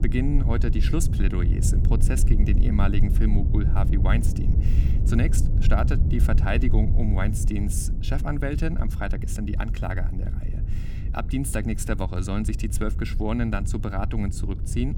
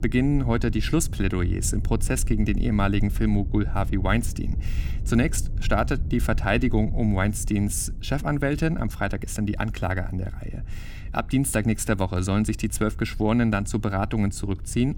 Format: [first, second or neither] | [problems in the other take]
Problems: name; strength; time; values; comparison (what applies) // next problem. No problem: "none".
second | low rumble; loud; throughout; 8 dB below the speech; faint in the second